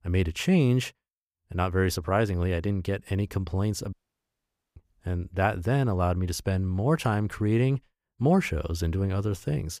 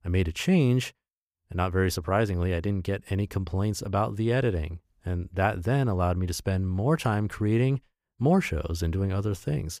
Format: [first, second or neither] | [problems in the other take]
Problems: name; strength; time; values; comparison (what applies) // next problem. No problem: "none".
second | audio cutting out; at 4 s for 1 s